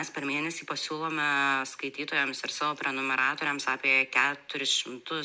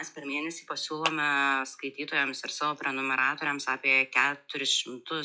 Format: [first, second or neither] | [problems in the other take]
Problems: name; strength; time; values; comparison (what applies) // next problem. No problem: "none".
first | noise reduction (classical method log-MMSE)